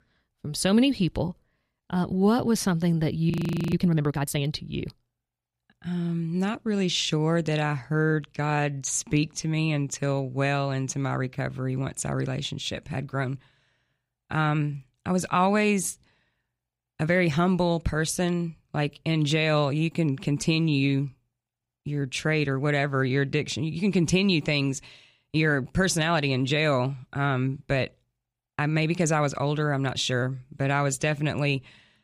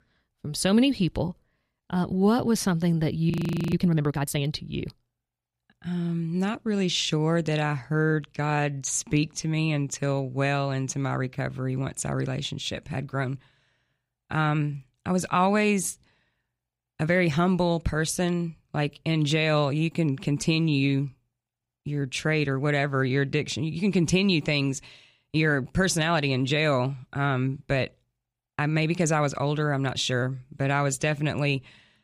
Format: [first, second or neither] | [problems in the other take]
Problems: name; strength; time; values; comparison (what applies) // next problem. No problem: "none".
neither | audio freezing; at 3.5 s; the same in both